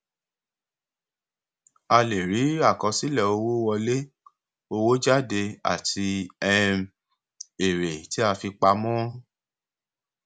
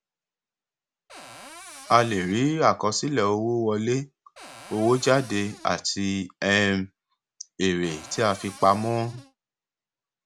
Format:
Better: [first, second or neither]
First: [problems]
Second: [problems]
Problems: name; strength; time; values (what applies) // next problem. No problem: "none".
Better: first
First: none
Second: background sound (Cupboard open or close); 19 dB below the speech